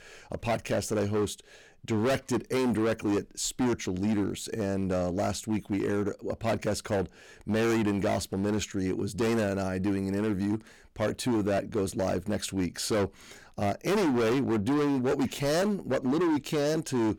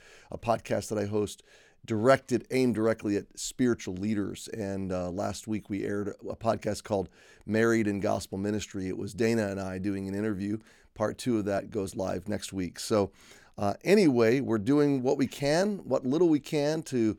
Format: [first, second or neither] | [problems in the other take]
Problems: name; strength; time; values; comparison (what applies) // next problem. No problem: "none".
second | distortion; heavy; 18% of the sound clipped